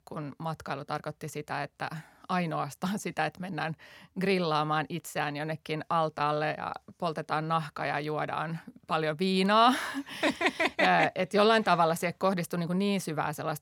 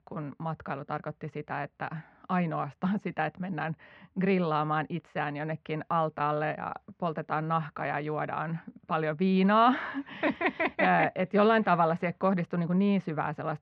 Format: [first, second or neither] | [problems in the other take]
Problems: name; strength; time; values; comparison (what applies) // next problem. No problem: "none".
first | muffled; very; fading above 2.5 kHz